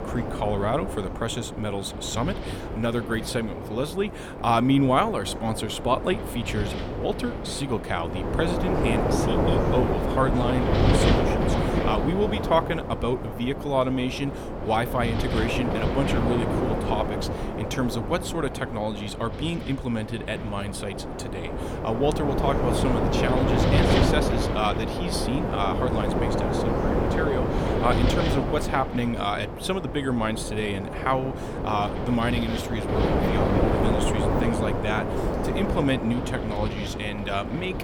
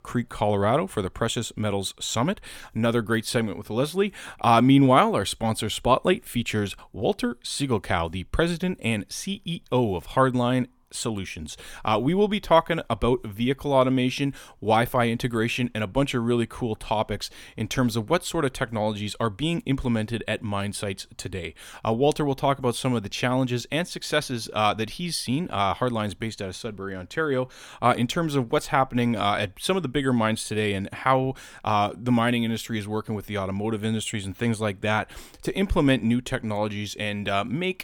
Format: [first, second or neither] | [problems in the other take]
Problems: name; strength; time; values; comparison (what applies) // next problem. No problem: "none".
second | wind noise on the microphone; heavy; 1 dB below the speech